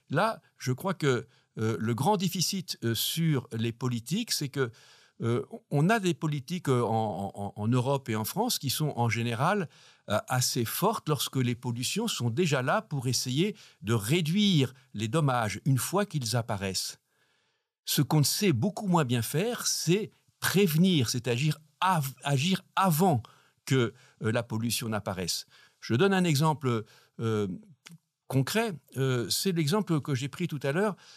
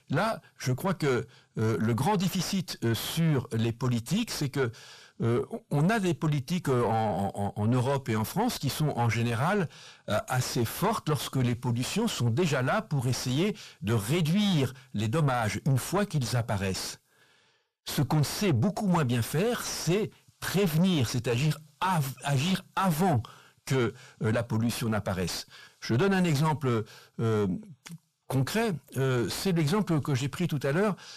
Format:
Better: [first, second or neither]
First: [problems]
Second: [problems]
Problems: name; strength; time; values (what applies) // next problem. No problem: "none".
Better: first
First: none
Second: distortion; heavy; 7 dB below the speech